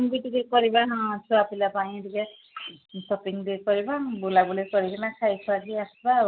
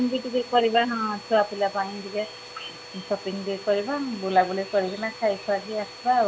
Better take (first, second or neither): first